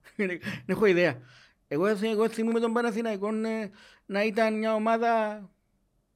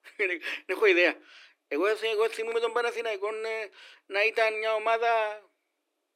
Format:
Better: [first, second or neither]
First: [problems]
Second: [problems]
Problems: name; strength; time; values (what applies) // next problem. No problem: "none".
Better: first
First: none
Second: thin; very; fading below 300 Hz